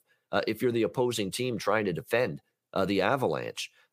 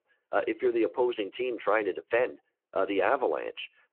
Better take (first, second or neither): first